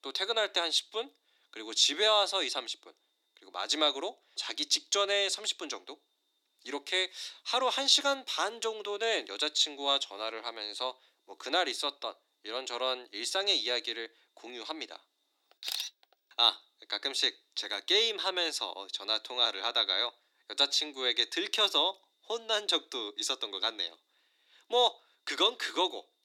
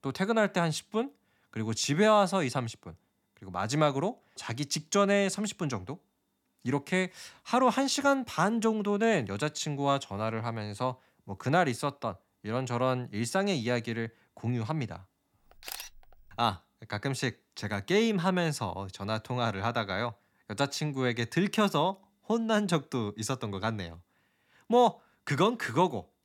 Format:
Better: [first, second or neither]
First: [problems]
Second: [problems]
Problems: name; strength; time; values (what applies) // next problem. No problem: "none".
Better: second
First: thin; very; fading below 300 Hz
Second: none